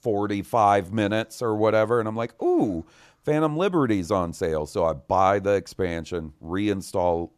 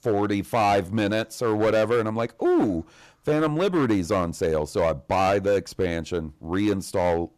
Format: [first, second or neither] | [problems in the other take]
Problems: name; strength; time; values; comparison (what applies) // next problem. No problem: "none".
first | distortion; slight; 9% of the sound clipped